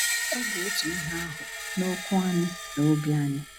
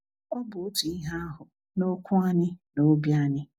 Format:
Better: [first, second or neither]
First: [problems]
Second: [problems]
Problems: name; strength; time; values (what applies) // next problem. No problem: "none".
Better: second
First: background sound (Screech); 4 dB below the speech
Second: none